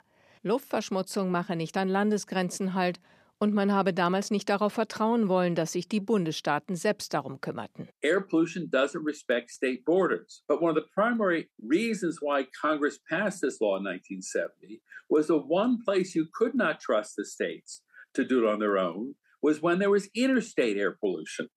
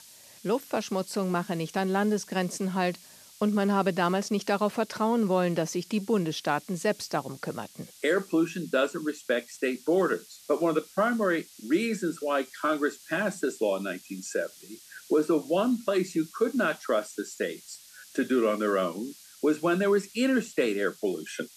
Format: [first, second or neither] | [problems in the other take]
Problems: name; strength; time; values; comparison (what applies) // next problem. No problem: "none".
first | hiss; faint; throughout; 20 dB below the speech